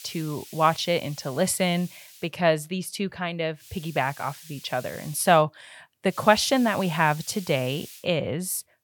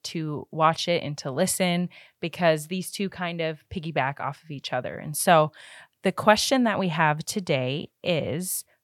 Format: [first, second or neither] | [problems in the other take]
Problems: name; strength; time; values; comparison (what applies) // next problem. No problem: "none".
second | hiss; noticeable; until 2.5 s, from 3.5 to 5.5 s and from 6 to 8 s; 20 dB below the speech